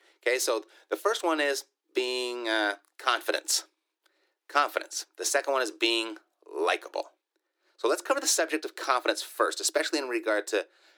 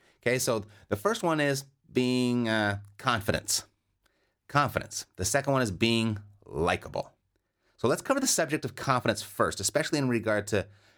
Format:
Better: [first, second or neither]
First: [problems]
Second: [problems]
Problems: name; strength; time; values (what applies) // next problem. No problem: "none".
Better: second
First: thin; very; fading below 300 Hz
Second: none